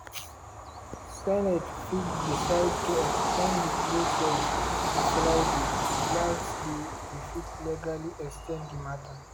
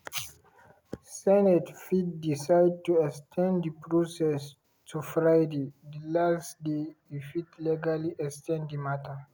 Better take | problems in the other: second | background sound (Train / Bird vocalization, bird call, bird song); 2 dB above the speech

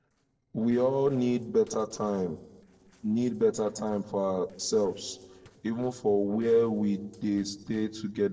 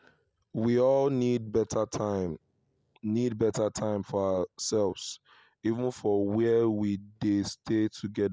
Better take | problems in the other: second | noise reduction (neural separator model SepFormer DNS4)

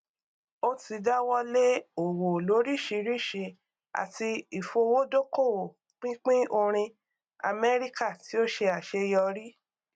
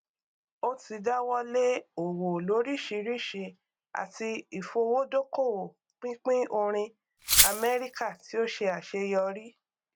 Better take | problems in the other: first | background sound (Glass); 4 dB above the speech

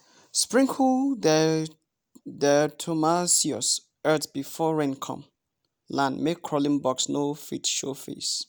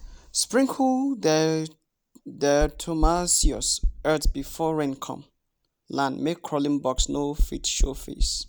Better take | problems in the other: first | background sound (Knock); 4 dB below the speech

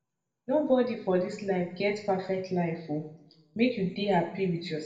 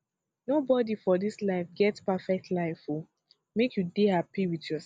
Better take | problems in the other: second | room echo; dies away in 0.6 s

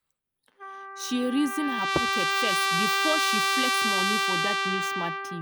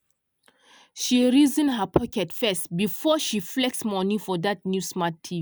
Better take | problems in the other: second | background sound (Trumpet); 5 dB above the speech

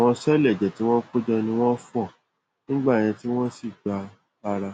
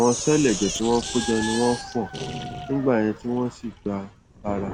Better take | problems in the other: first | background sound (Sink (filling or washing) + Dog); 9 dB below the speech

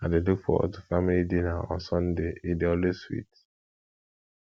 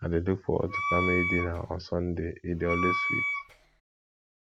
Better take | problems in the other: first | background sound (Wind instrument, woodwind instrument); as loud as the speech

